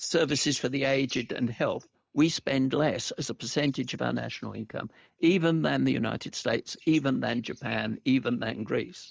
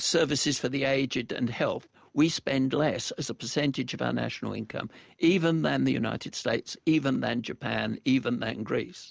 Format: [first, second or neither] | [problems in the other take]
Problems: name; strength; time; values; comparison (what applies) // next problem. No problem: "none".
second | noise reduction (neural mask model DeepFilterNet 3)